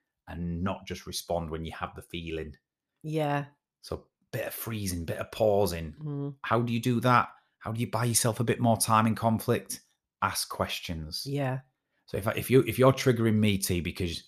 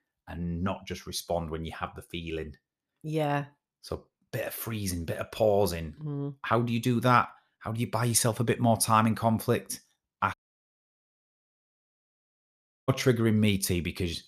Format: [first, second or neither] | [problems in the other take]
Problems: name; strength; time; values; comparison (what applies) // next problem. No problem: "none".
first | audio cutting out; at 10 s for 2.5 s